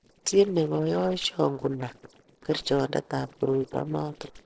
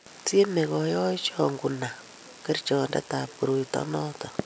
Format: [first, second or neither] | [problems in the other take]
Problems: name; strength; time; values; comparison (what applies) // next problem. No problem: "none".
second | noise reduction (neural separator model SepFormer DNS4)